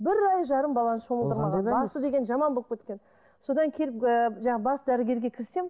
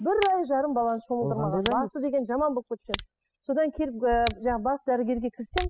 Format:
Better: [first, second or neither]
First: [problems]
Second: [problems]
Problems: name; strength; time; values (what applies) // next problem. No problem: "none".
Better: first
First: none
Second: noise reduction (classical method spectral subtraction)